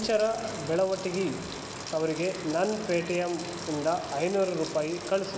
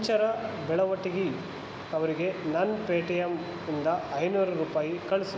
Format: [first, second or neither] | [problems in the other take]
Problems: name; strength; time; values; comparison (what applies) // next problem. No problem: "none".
second | background sound (Water tap, faucet); 15 dB below the speech